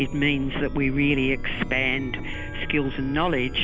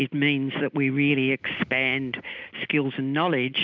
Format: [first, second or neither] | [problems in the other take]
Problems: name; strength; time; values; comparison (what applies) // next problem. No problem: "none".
second | background sound (Chime); 6 dB below the speech